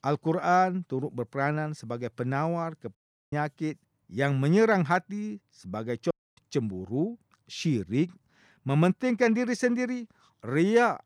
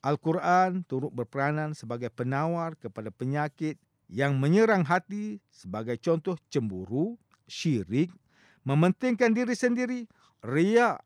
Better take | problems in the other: second | audio cutting out; at 3 s and at 6 s

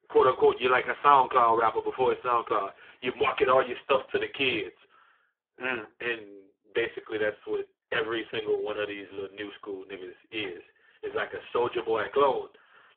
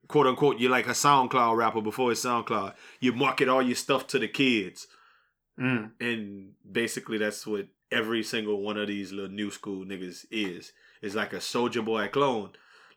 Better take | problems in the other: second | phone-call audio; poor line

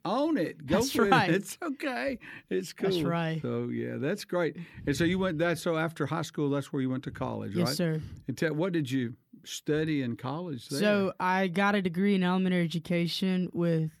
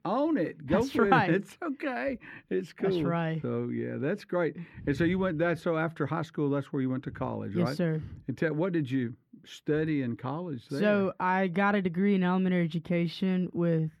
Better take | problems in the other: first | muffled; slightly; fading above 3.5 kHz

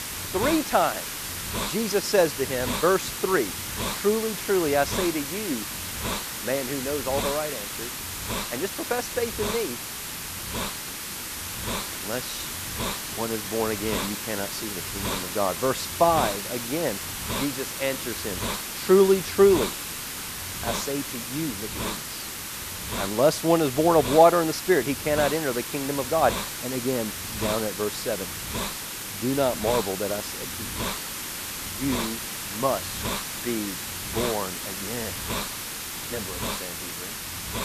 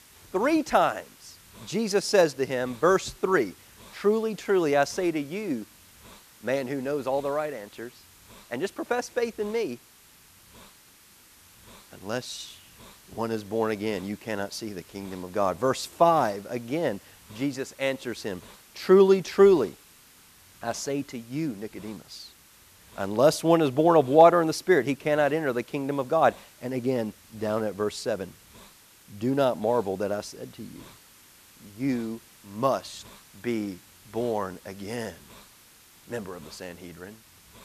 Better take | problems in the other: second | hiss; loud; throughout; 4 dB below the speech; faint in the second

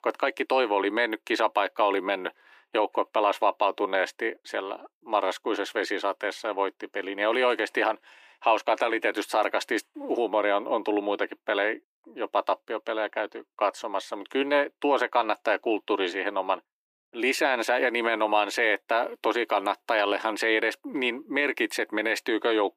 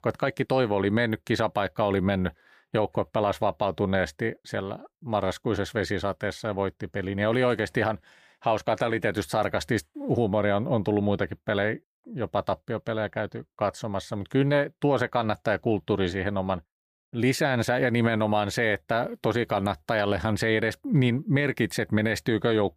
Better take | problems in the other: second | thin; somewhat; fading below 300 Hz

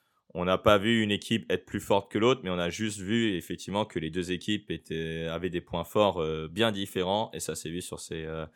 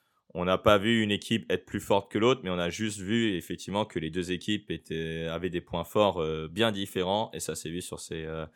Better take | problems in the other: neither | none

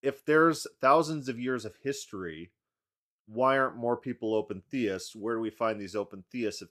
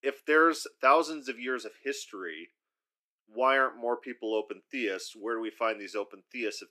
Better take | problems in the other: first | thin; somewhat; fading below 300 Hz

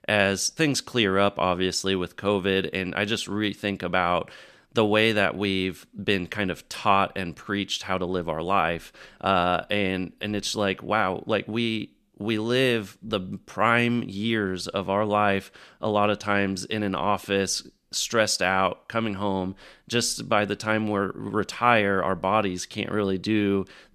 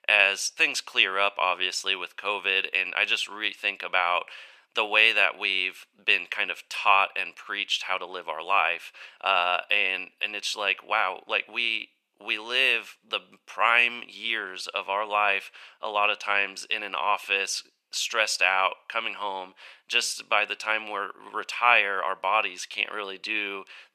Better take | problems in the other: first | thin; very; fading below 750 Hz

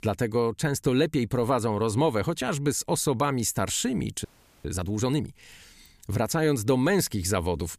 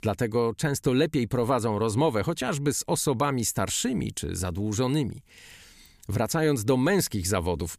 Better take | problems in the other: second | audio freezing; at 4.5 s

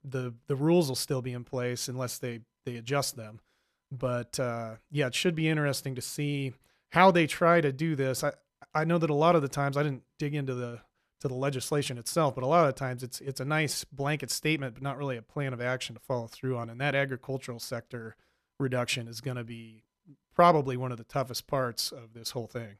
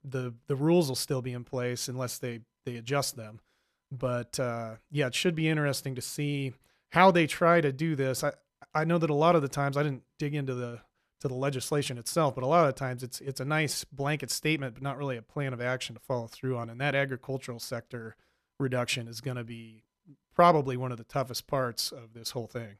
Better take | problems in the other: neither | none

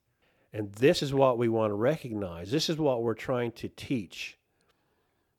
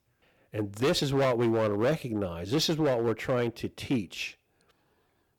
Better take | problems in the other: first | distortion; heavy; 8% of the sound clipped

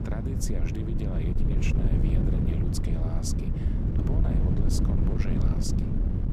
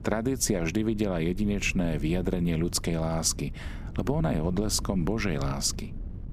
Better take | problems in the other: second | wind noise on the microphone; heavy; 2 dB above the speech; occasional gusts in the second

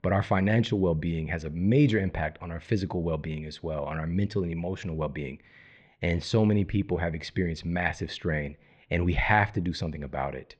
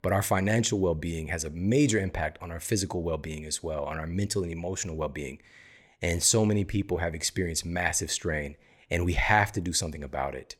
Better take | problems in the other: second | muffled; slightly; fading above 4 kHz

